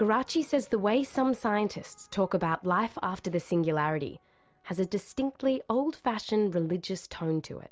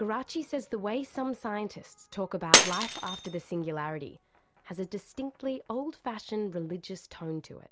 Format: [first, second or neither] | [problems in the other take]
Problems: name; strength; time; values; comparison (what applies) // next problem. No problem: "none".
first | background sound (Shatter); 1 dB above the speech